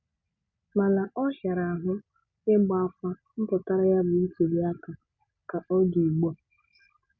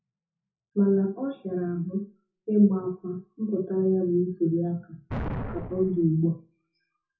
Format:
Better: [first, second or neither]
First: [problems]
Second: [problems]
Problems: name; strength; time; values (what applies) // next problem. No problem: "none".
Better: first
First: none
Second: noise reduction (classical method WPE with log-MMSE)